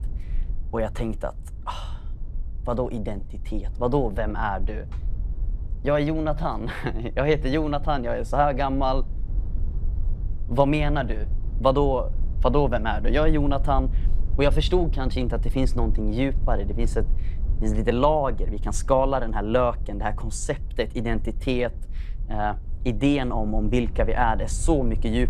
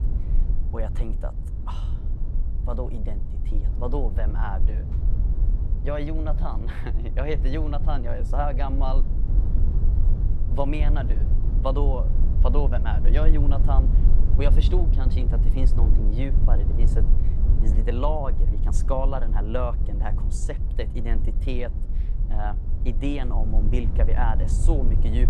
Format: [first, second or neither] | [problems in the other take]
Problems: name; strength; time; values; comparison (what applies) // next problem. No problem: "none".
first | low rumble; loud; throughout; 9 dB below the speech; faint in the first